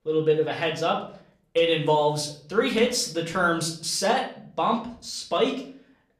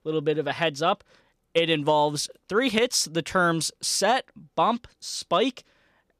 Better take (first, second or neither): second